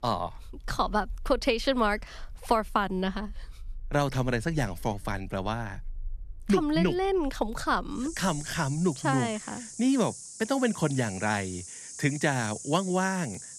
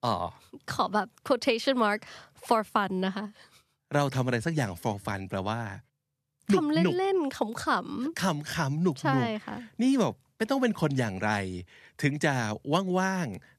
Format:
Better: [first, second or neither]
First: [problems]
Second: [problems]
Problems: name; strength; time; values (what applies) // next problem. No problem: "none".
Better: second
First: animal sounds; noticeable; throughout; 15 dB below the speech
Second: none